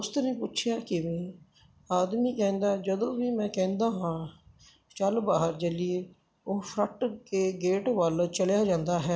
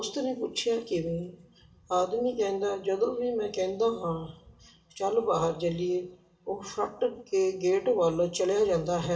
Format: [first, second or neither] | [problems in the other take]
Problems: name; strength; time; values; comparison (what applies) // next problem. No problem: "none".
first | room echo; dies away in 0.8 s